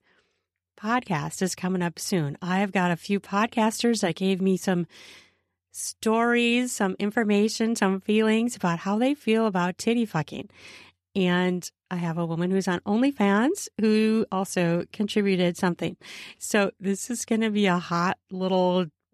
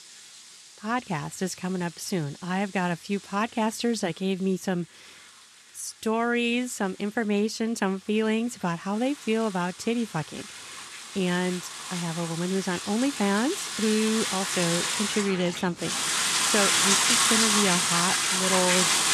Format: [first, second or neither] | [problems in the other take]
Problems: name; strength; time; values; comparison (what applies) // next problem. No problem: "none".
first | household noises; very loud; throughout; 4 dB above the speech